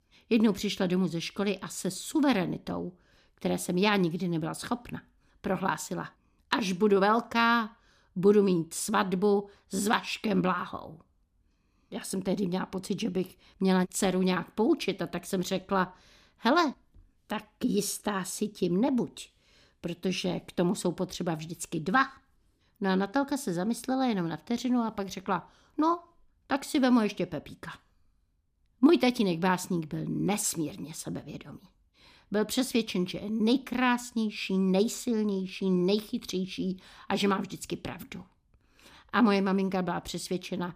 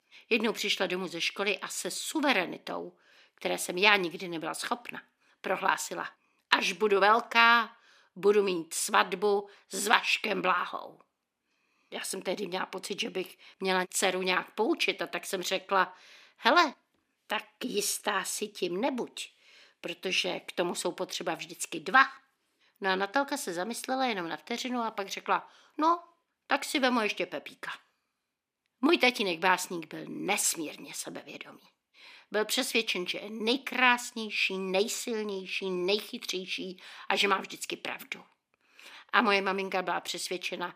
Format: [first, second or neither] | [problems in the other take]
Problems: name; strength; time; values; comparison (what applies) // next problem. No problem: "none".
first | thin; somewhat; fading below 400 Hz